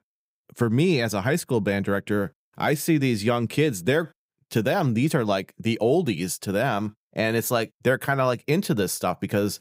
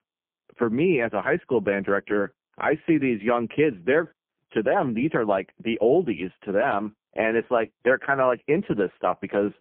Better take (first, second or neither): first